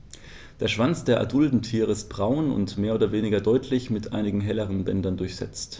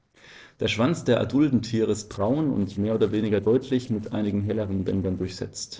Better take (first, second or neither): first